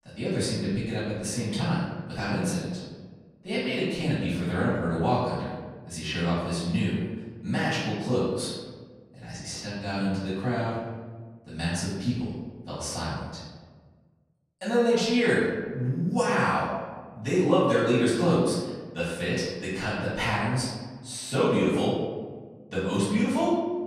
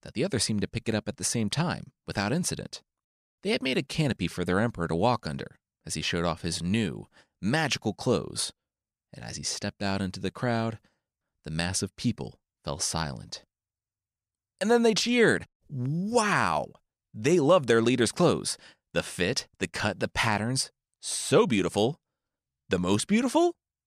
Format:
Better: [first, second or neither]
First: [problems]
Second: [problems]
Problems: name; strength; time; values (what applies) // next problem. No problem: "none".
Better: second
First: off-mic speech; far // room echo; strong; dies away in 1.3 s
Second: none